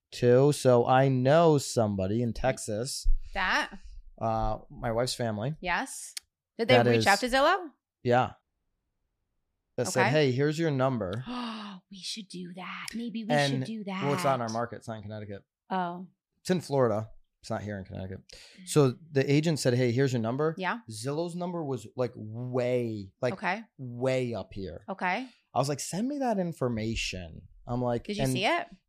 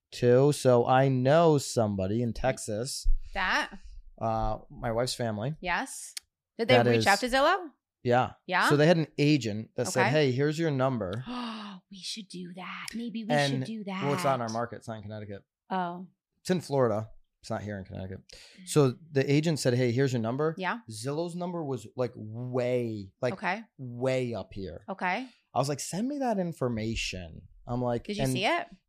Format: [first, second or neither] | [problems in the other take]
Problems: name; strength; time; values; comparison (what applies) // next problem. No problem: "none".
second | audio cutting out; at 8.5 s for 1.5 s